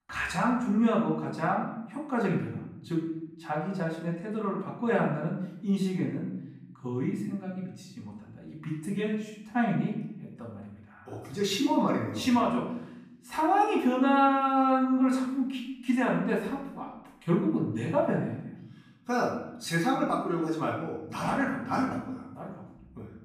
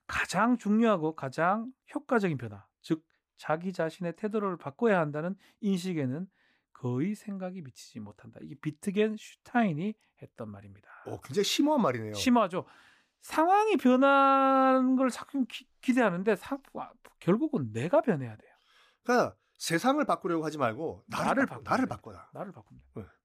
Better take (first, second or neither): second